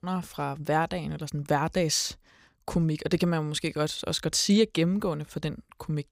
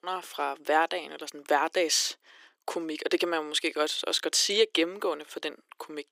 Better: first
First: none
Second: thin; very; fading below 350 Hz

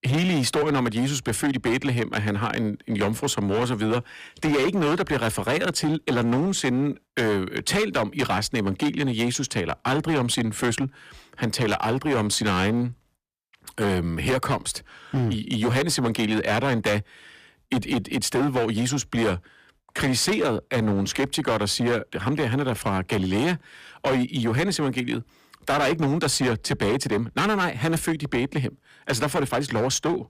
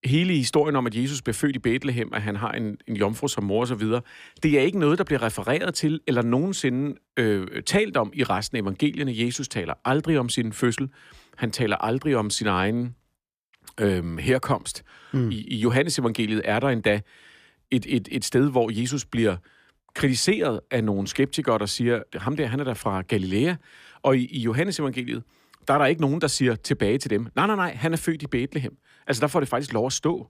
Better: second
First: distortion; heavy; 16% of the sound clipped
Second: none

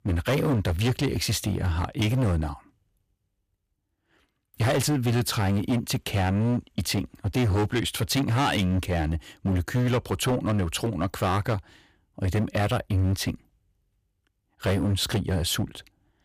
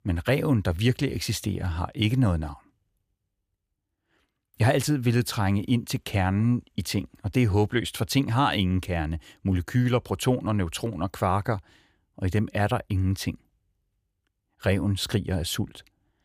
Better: second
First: distortion; heavy; 14% of the sound clipped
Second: none

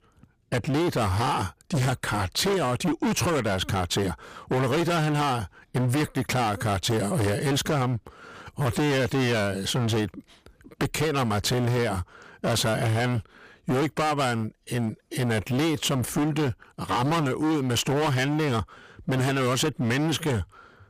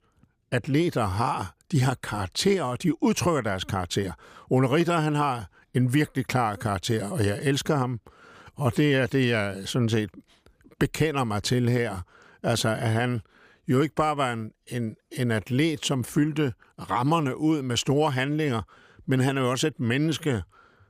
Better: second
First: distortion; heavy; 26% of the sound clipped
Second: none

